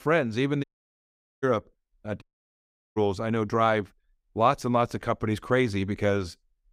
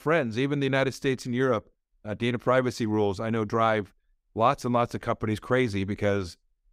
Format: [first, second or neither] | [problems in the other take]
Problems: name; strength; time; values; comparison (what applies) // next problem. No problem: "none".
second | audio cutting out; at 0.5 s for 1 s and at 2 s for 0.5 s